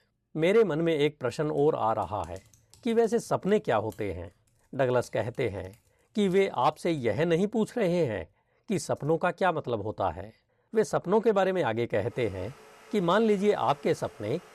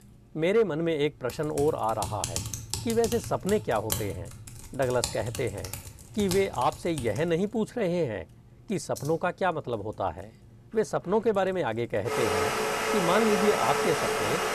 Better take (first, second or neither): first